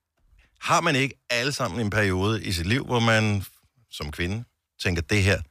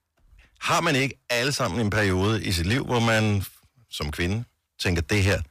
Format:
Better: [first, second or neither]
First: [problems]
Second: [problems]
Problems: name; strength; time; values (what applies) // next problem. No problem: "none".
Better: first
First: none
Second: distortion; slight; 10 dB below the speech